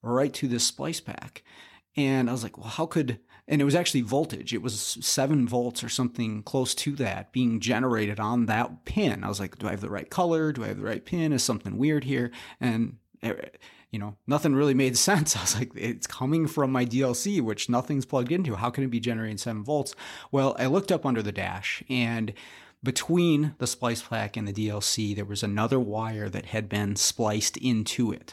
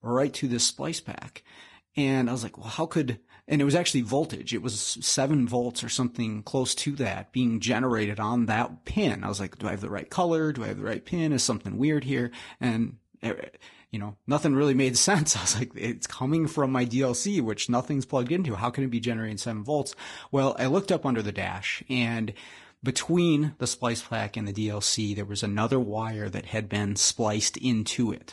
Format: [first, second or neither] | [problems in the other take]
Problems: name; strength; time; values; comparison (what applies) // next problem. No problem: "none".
first | garbled, watery; slightly; nothing above 10.5 kHz